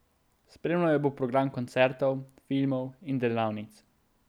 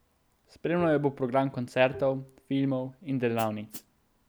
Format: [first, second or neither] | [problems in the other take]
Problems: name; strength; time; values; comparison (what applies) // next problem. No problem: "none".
first | background sound (Hi-hat + Bowed string instrument); 19 dB below the speech